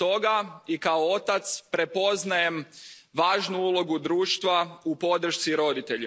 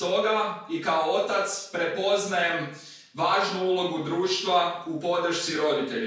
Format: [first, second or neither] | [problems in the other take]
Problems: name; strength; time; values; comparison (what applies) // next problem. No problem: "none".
first | room echo; dies away in 0.5 s